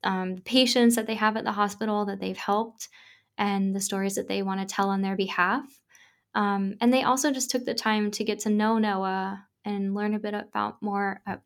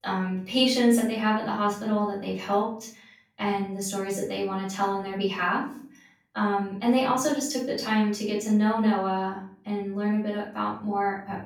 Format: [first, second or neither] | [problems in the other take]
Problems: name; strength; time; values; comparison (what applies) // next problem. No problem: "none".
first | off-mic speech; far // room echo; noticeable; dies away in 0.6 s